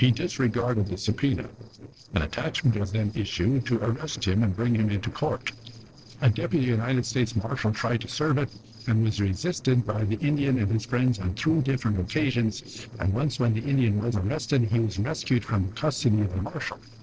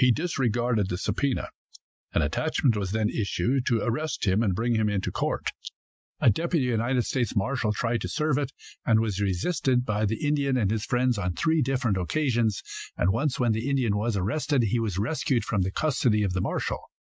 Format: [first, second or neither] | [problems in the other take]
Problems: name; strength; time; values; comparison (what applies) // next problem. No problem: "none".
second | noise reduction (neural separator model SepFormer DNS4)